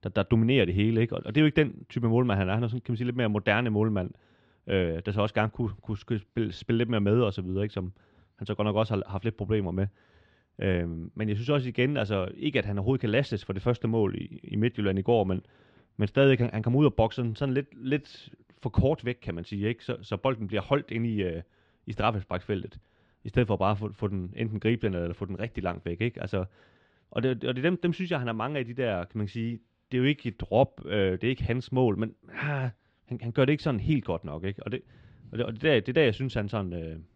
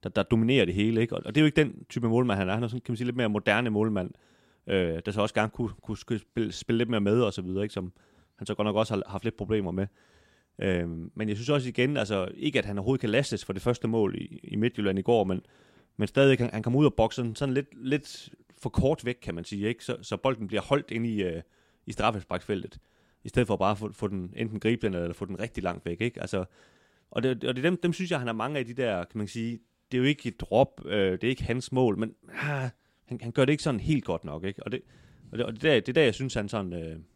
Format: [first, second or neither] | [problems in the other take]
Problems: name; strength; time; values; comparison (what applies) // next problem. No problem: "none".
second | muffled; slightly; fading above 4 kHz